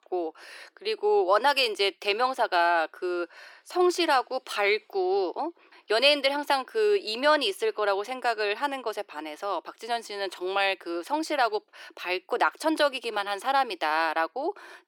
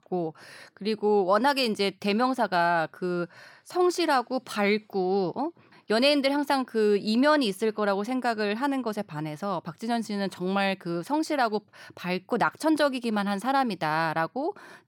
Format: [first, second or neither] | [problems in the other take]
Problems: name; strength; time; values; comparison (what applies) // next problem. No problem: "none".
second | thin; very; fading below 350 Hz